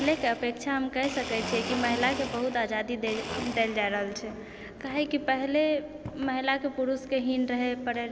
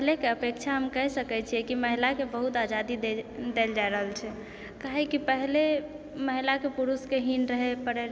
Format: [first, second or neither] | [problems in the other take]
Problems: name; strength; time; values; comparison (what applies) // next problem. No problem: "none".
second | background sound (Domestic sounds, home sounds); 11 dB below the speech